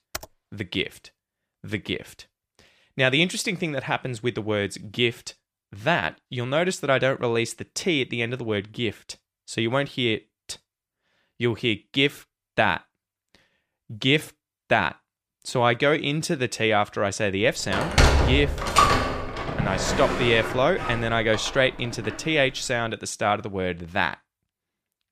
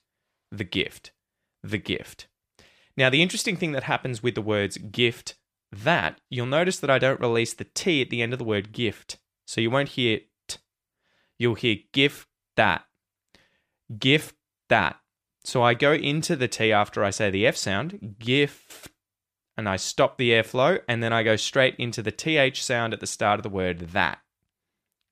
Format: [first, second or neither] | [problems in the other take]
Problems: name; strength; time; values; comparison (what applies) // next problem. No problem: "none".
second | keyboard typing; faint; at the start; peak 10 dB below the speech // door banging; loud; from 18 to 21 s; peak 6 dB above the speech